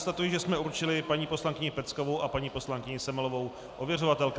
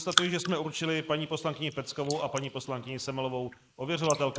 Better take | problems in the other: first | noise reduction (neural mask model Resemble Enhance denoiser)

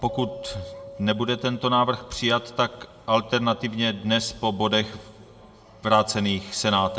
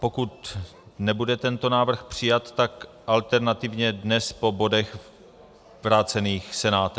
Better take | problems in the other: second | background sound (Keyboard (musical)); 19 dB below the speech // room echo; dies away in 1.4 s

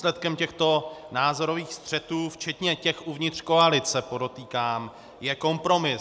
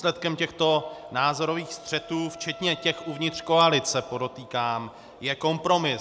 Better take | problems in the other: first | background sound (Wind instrument, woodwind instrument); 20 dB below the speech

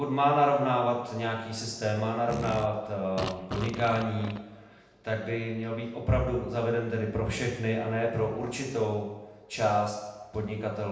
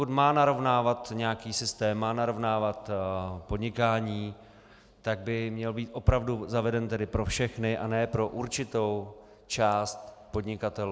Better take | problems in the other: second | background sound (Fart); 9 dB below the speech // room echo; dies away in 0.9 s

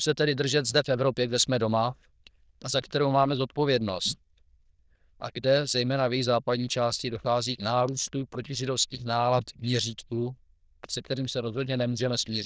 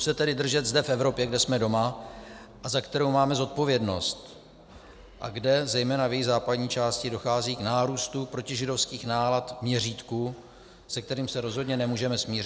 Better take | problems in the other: second | noise reduction (neural diffusion model UNIVERSE++)

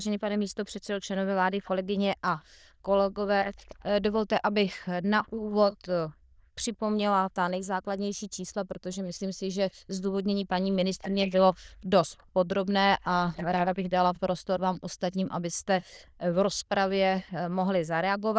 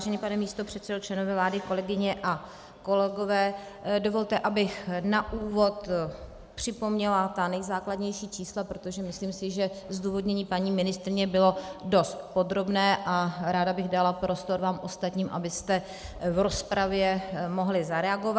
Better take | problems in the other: second | noise reduction (neural diffusion model UNIVERSE++)

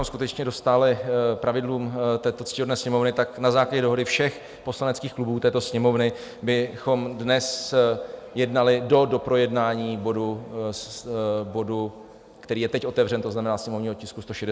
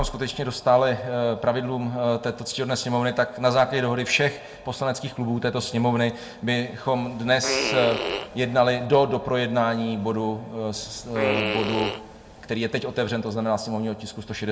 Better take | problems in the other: first | background sound (Fart); 5 dB below the speech // room echo; dies away in 0.2 s

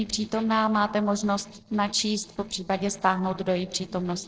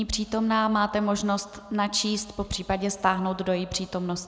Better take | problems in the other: second | noise reduction (neural separator model SepFormer DNS4)

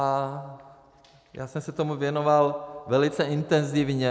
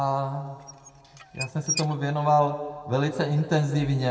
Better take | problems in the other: first | background sound (Squeak / Dishes, pots, and pans); 10 dB below the speech // room echo; dies away in 1.4 s

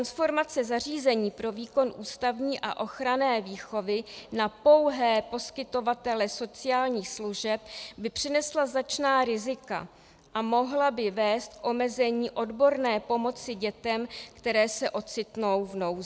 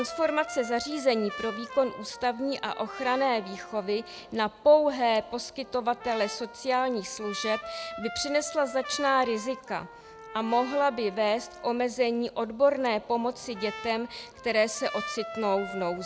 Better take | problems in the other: first | background sound (Trumpet); 14 dB below the speech

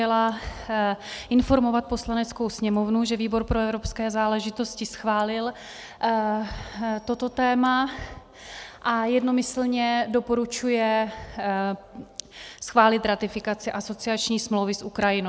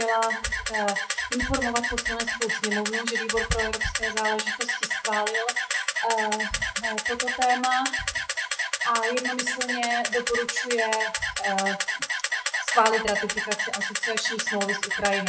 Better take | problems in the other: first | noise reduction (classical method WPE with log-MMSE)

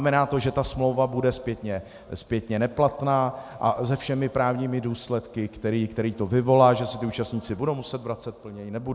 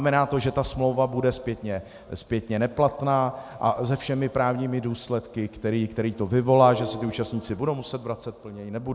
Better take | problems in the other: first | background sound (Telephone); 16 dB below the speech

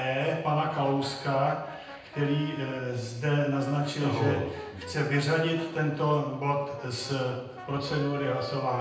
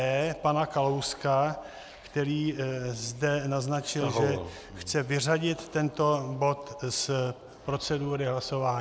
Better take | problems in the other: second | background sound (Brass instrument); 16 dB below the speech // room echo; dies away in 0.9 s

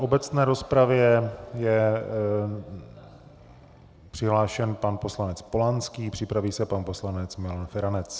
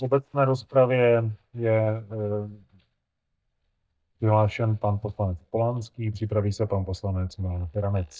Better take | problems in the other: first | noise reduction (neural mask model DeepFilterNet 3)

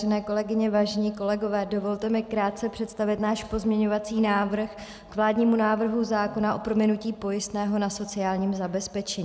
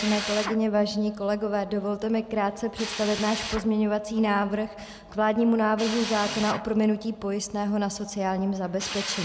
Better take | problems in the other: first | background sound (Drill); 12 dB below the speech

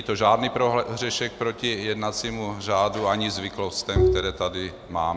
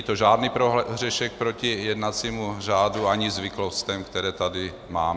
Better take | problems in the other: second | background sound (Bowed string instrument); 1 dB above the speech

